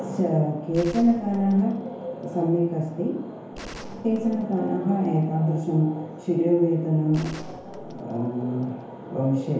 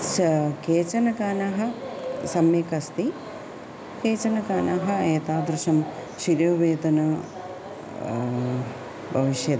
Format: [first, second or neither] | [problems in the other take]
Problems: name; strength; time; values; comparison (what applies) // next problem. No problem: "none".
second | background sound (Gunshot, gunfire); 20 dB below the speech // room echo; dies away in 1 s